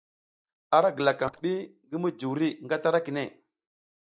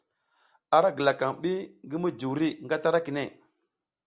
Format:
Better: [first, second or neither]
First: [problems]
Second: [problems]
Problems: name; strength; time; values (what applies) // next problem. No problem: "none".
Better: second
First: noise reduction (neural mask model DeepFilterNet 3)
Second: none